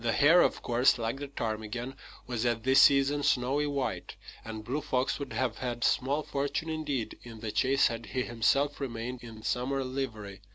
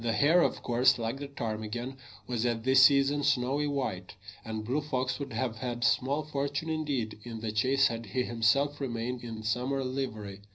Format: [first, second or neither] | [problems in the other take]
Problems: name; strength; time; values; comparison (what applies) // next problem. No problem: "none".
first | room echo; dies away in 0.5 s